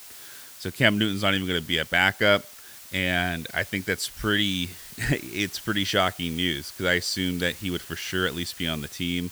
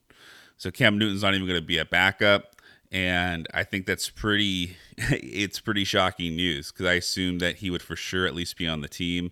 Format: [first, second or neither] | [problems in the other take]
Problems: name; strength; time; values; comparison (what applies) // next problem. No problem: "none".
second | hiss; noticeable; throughout; 15 dB below the speech